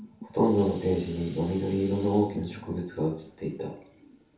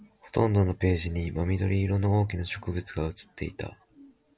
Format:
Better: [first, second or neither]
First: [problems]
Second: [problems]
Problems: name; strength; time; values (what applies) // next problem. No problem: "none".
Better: second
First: background sound (Dishes, pots, and pans); 18 dB below the speech // room echo; dies away in 0.5 s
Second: none